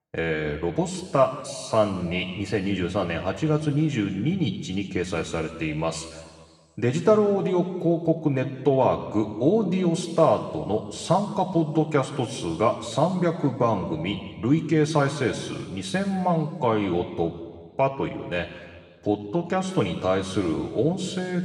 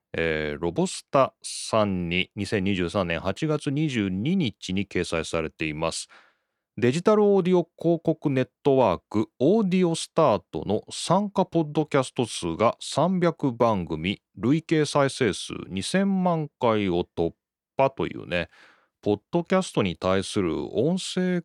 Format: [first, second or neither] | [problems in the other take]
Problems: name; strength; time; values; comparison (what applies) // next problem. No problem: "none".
second | room echo; slight; dies away in 1.6 s // off-mic speech; somewhat distant